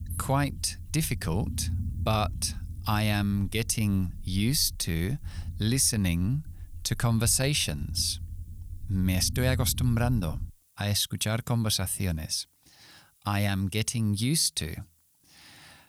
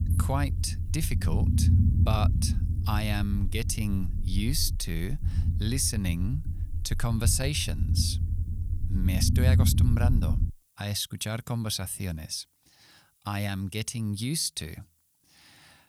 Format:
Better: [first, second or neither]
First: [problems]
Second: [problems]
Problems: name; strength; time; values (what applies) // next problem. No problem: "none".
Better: first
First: low rumble; faint; until 10 s; 20 dB below the speech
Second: low rumble; loud; until 10 s; 9 dB below the speech